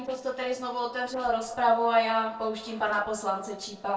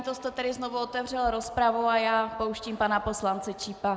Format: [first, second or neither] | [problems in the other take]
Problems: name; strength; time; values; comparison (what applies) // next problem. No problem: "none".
second | noise reduction (neural separator model SepFormer DNS4)